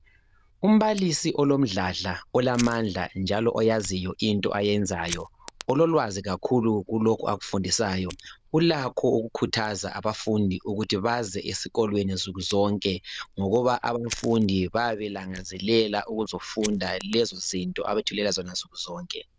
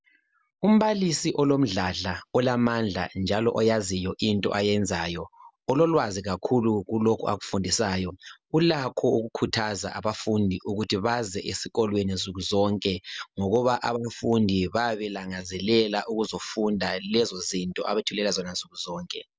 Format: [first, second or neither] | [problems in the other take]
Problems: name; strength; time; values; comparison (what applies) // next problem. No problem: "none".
second | noise reduction (neural diffusion model UNIVERSE++)